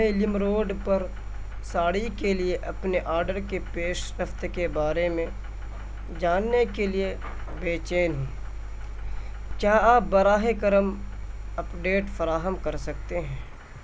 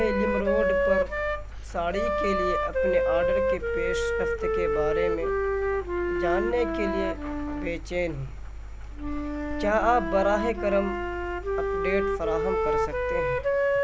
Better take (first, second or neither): first